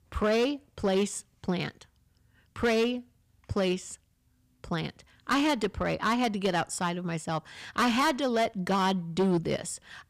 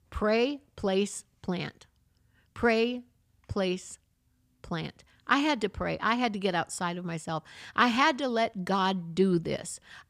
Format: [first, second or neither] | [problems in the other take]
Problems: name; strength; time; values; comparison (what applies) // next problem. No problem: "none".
second | distortion; slight; 6% of the sound clipped